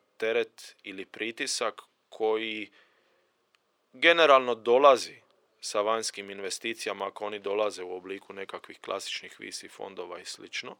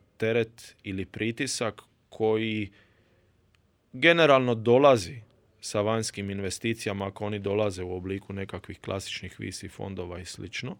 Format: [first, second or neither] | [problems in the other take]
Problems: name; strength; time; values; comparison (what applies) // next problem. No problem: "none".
second | thin; somewhat; fading below 500 Hz